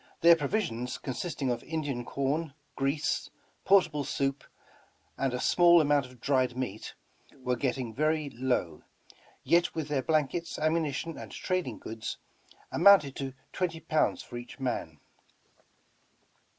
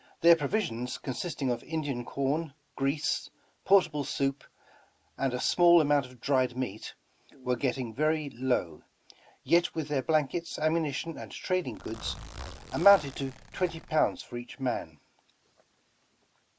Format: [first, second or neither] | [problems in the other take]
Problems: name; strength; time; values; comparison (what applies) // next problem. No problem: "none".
first | background sound (Zipper (clothing)); 15 dB below the speech